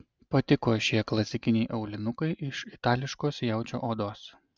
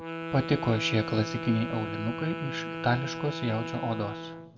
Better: first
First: none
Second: background sound (Wind instrument, woodwind instrument); 6 dB below the speech // room echo; dies away in 1.3 s

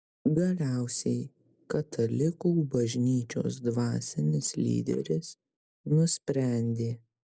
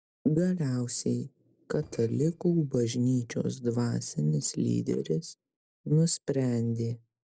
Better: first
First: none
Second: noise reduction (neural separator model SepFormer DNS4)

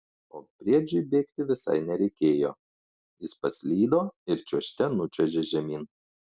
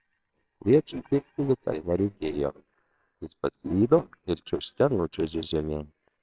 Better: first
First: none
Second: noise reduction (neural separator model SepFormer WHAMR!)

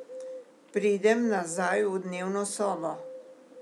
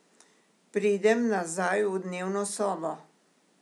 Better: second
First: background sound (Bird); 15 dB below the speech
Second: none

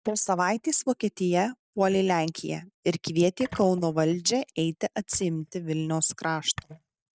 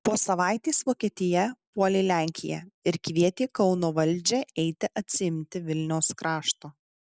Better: second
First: noise reduction (neural mask model DeepFilterNet 3)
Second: none

